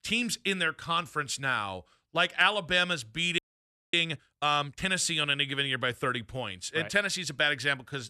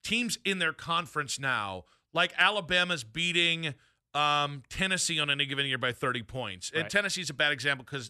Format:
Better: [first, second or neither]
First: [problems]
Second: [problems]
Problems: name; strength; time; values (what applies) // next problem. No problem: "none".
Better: second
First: audio freezing; at 3.5 s for 0.5 s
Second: none